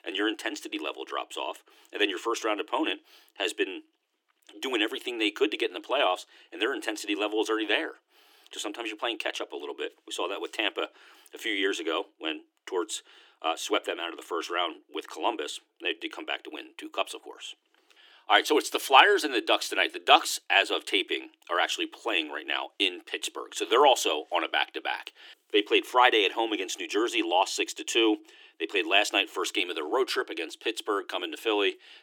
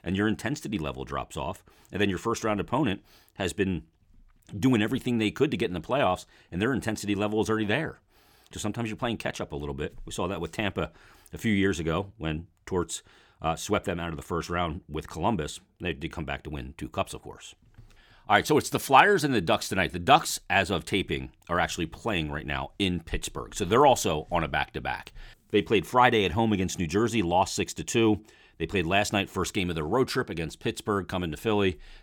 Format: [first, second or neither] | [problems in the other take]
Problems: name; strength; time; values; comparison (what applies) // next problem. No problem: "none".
second | thin; very; fading below 300 Hz